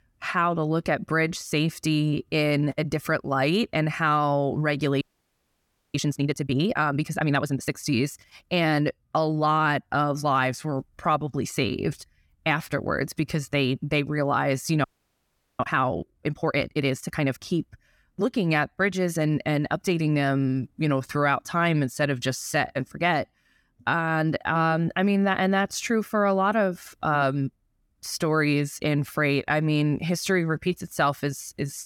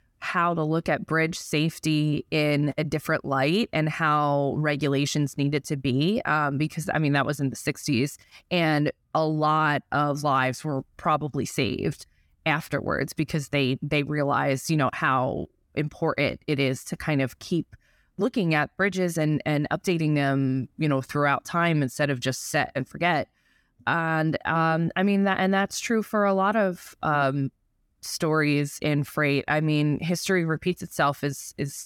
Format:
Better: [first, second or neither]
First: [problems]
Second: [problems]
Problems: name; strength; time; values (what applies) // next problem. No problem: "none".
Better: second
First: audio freezing; at 5 s for 1 s and at 15 s for 1 s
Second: none